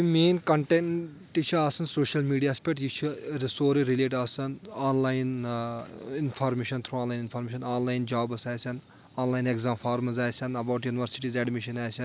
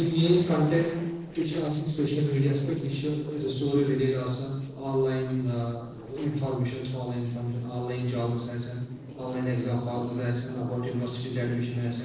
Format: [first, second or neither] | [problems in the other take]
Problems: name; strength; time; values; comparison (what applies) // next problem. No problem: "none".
first | noise reduction (neural separator model SepFormer DNS4)